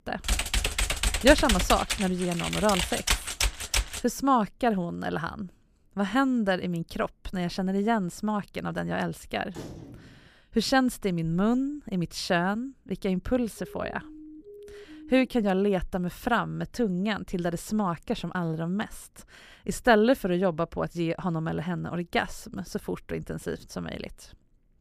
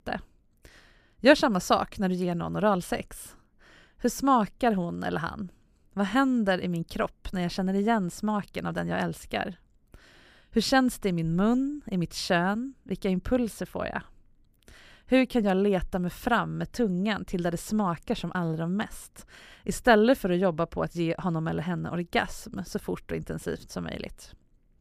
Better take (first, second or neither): second